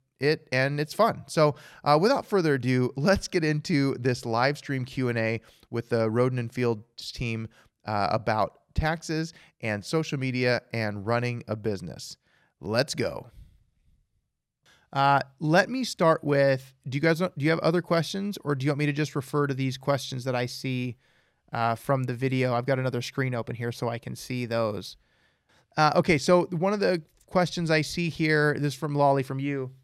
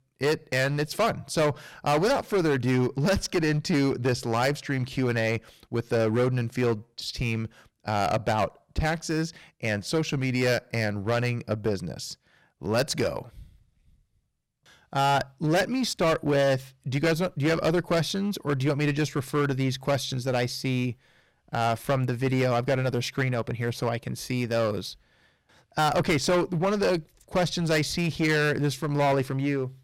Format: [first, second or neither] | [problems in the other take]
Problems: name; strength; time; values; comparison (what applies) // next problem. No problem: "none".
first | distortion; heavy; 12% of the sound clipped